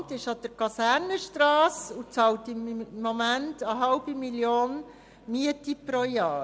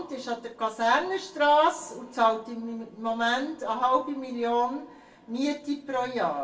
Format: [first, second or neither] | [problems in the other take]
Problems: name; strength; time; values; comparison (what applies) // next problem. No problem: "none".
first | room echo; dies away in 0.3 s